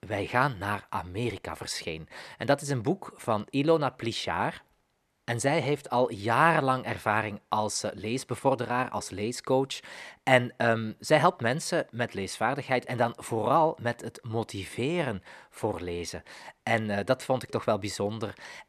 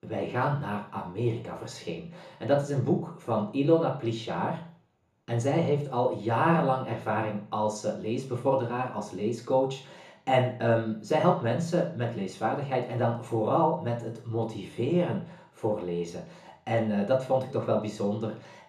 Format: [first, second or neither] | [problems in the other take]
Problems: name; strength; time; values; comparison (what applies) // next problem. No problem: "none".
first | room echo; slight; dies away in 0.6 s // off-mic speech; far